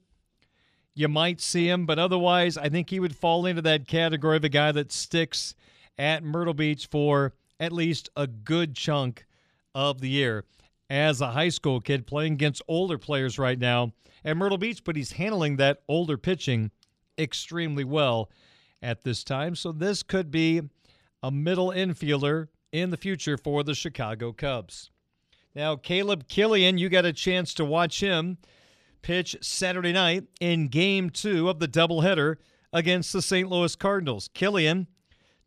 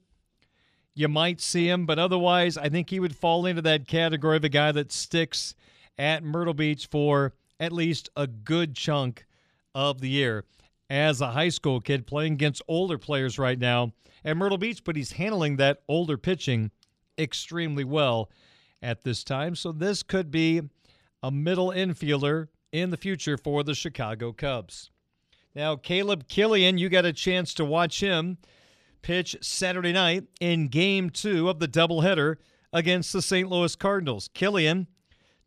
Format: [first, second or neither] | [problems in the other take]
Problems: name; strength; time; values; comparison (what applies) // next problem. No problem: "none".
neither | none